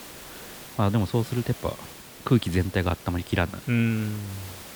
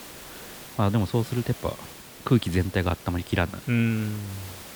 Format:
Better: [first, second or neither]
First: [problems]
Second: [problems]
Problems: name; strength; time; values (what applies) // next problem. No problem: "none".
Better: neither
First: hiss; noticeable; throughout; 15 dB below the speech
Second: hiss; noticeable; throughout; 15 dB below the speech